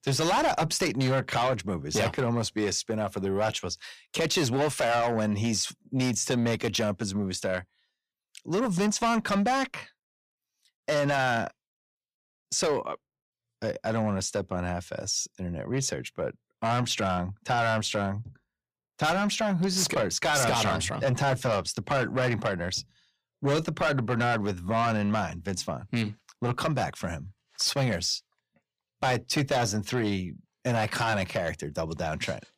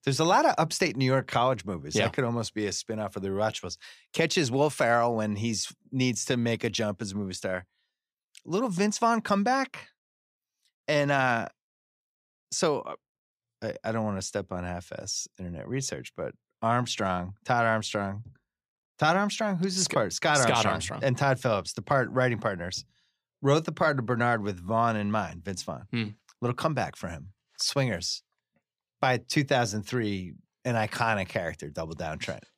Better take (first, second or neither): second